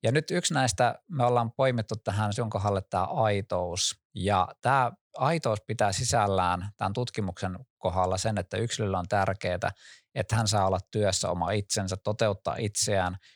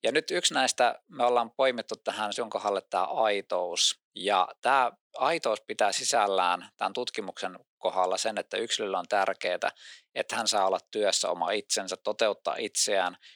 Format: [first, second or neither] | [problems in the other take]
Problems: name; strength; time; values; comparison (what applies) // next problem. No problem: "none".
first | thin; somewhat; fading below 300 Hz